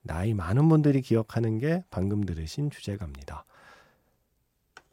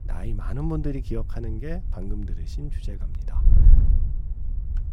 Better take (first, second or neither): first